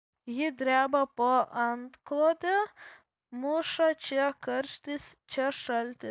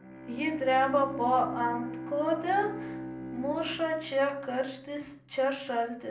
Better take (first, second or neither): first